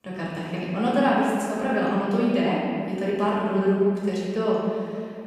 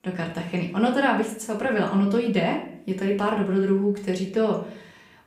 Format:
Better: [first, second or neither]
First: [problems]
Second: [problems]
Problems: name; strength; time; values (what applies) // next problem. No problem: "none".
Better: second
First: room echo; strong; dies away in 2.1 s // off-mic speech; far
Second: room echo; slight; dies away in 0.5 s // off-mic speech; far